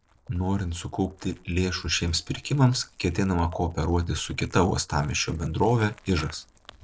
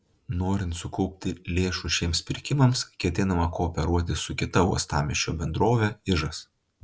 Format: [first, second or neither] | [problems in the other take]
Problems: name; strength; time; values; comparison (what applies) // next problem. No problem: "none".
second | noise reduction (neural separator model SepFormer DNS4)